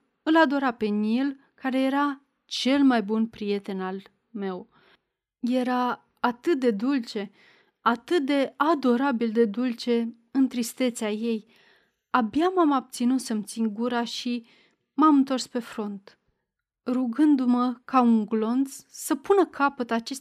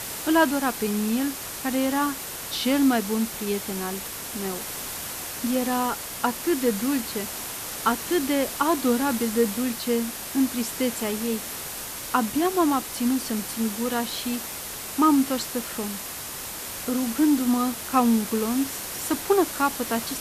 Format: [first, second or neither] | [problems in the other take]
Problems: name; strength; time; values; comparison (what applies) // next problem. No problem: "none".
first | hiss; loud; throughout; 6 dB below the speech